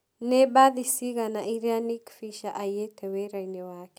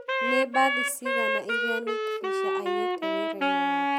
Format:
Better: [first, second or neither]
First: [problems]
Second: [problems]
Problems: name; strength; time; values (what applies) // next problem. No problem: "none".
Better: first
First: none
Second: background sound (Wind instrument, woodwind instrument); 5 dB above the speech